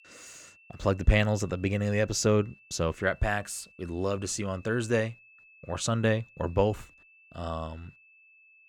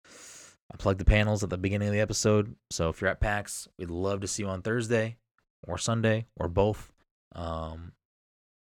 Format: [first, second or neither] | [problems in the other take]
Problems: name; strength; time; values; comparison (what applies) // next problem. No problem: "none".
second | high-pitched whine; faint; throughout; 2.5 kHz, 25 dB below the speech